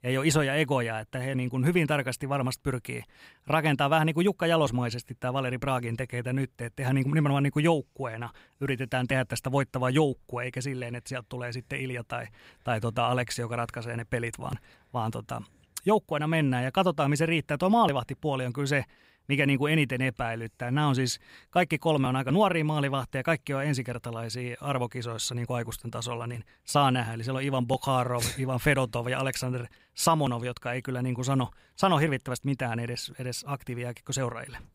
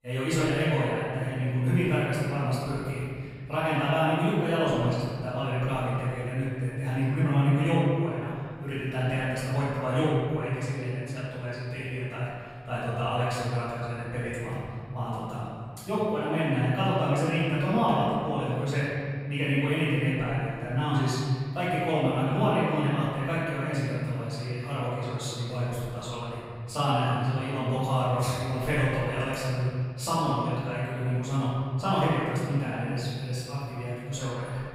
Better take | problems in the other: first | room echo; strong; dies away in 2.1 s // off-mic speech; far

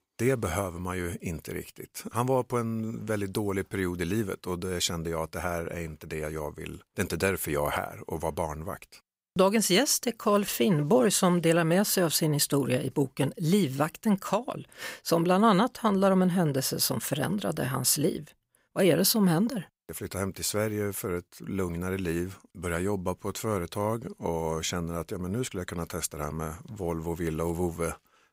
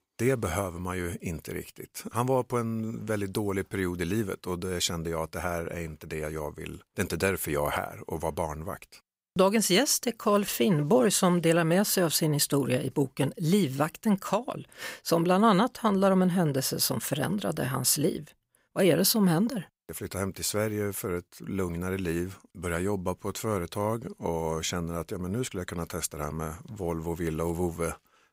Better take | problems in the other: neither | none

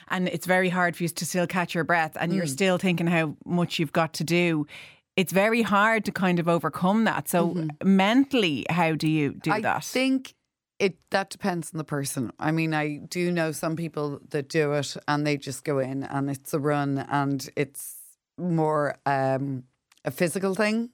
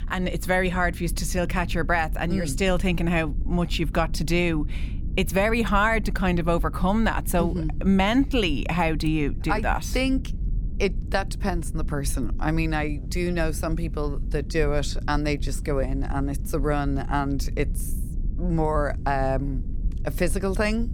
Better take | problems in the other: first | low rumble; faint; throughout; 20 dB below the speech

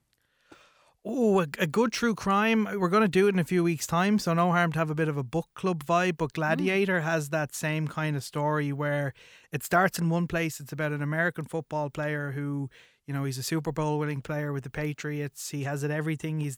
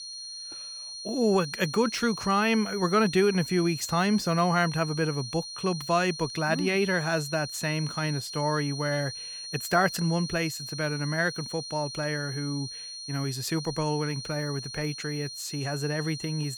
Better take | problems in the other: first | high-pitched whine; loud; throughout; 4 kHz, 8 dB below the speech

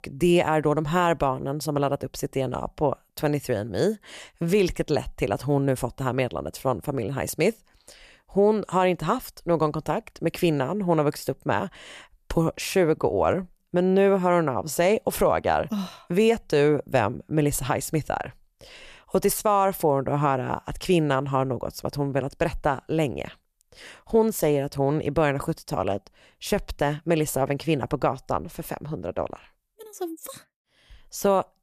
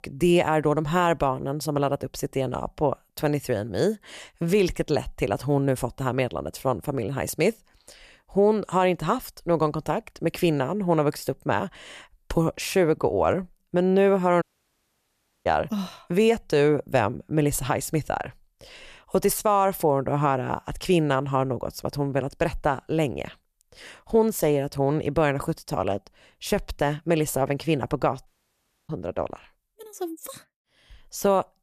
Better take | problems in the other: first | audio cutting out; at 14 s for 1 s and at 28 s for 0.5 s

